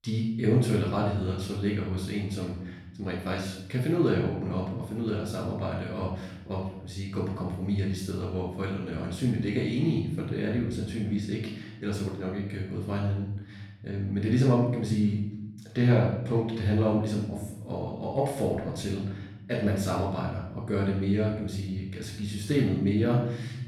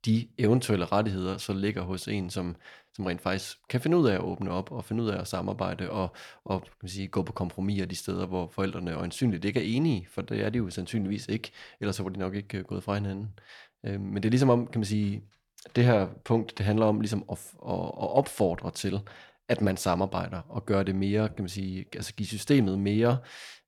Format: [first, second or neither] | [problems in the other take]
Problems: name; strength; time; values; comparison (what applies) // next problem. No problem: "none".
second | off-mic speech; far // room echo; noticeable; dies away in 0.9 s